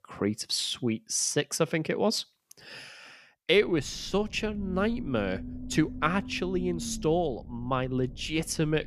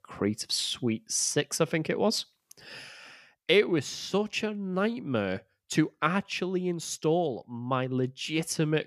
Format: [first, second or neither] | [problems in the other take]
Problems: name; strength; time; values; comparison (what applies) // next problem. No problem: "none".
second | low rumble; noticeable; from 3.5 s on; 20 dB below the speech